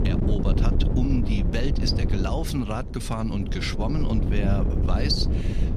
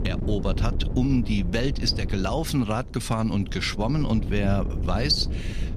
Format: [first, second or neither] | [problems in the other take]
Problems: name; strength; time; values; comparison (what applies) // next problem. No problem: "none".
second | wind noise on the microphone; heavy; 5 dB below the speech; occasional gusts in the second